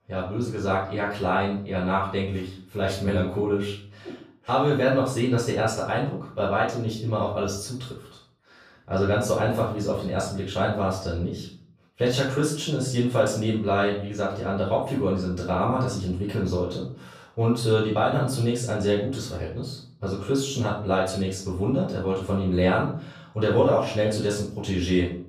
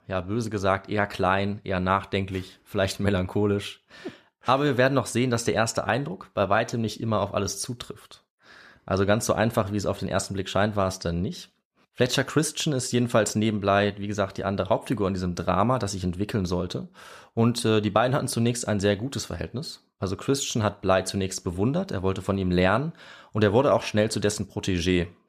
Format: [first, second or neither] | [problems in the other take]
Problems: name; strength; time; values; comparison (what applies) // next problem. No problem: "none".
second | room echo; noticeable; dies away in 0.5 s // off-mic speech; far